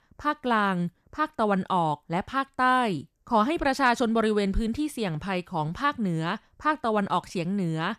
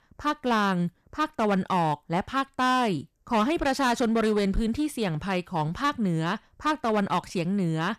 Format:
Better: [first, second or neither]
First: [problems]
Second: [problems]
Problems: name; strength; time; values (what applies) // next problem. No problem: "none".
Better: first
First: none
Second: distortion; slight; 8% of the sound clipped